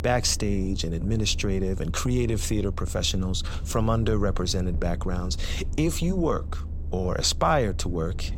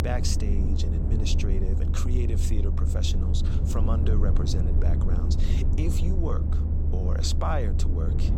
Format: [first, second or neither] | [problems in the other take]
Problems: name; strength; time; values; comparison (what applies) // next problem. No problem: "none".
first | low rumble; loud; throughout; 4 dB below the speech; faint in the first